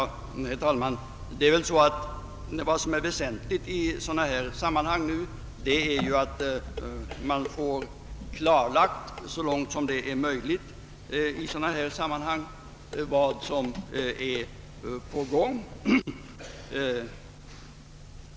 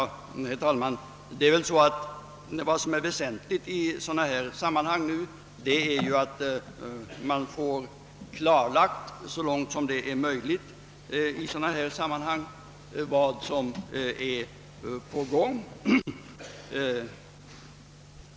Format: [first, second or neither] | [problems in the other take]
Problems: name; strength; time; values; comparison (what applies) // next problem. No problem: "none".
second | background sound (Motor vehicle (road) + Dishes, pots, and pans); 13 dB below the speech